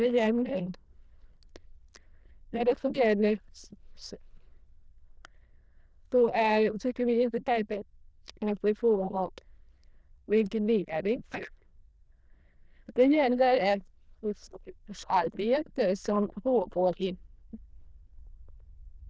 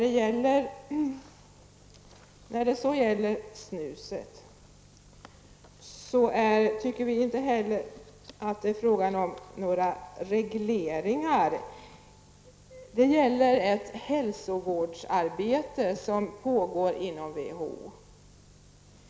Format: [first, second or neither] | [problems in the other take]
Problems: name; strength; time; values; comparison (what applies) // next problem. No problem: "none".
second | noise reduction (neural diffusion model UNIVERSE++)